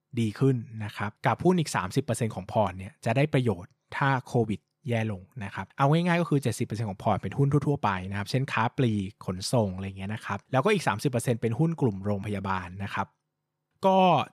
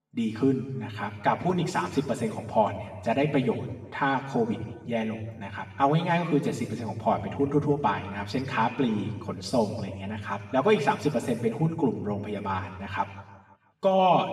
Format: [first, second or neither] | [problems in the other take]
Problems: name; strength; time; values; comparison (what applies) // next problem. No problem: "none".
first | room echo; noticeable; dies away in 1.2 s // off-mic speech; far